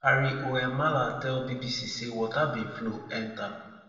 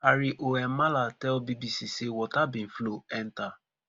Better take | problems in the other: second | room echo; dies away in 1.1 s

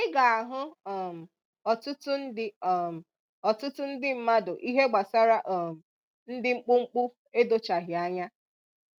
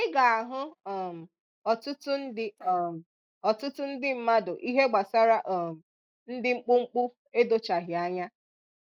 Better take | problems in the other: first | noise reduction (neural mask model Resemble Enhance denoiser)

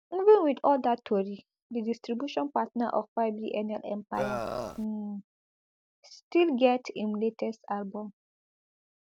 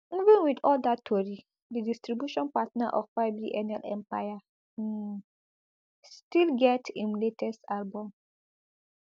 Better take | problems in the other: second | background sound (Burping, eructation); 4 dB below the speech

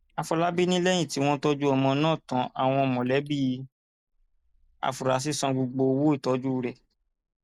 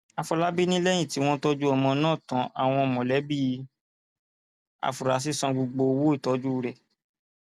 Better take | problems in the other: second | noise reduction (neural mask model Resemble Enhance denoiser)

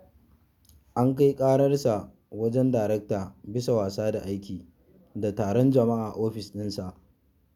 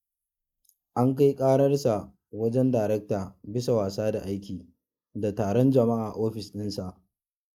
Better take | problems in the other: first | noise reduction (neural mask model Resemble Enhance denoiser)

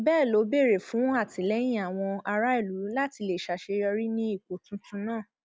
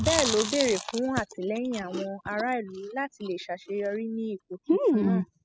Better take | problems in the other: first | noise reduction (classical method spectral subtraction)

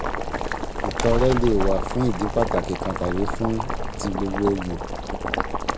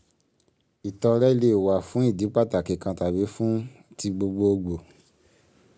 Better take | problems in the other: second | background sound (Bird + Boiling); as loud as the speech

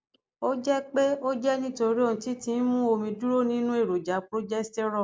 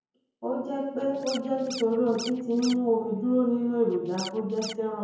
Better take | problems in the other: first | background sound (Scratching (performance technique)); 14 dB below the speech // room echo; dies away in 0.9 s

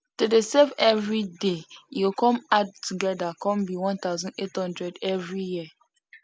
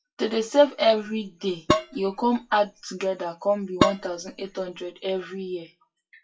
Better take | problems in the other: first | noise reduction (classical method WPE with log-MMSE)

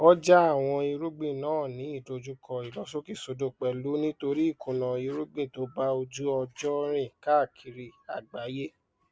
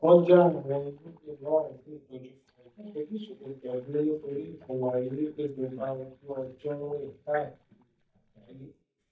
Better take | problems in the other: first | noise reduction (neural mask model DeepFilterNet 3)

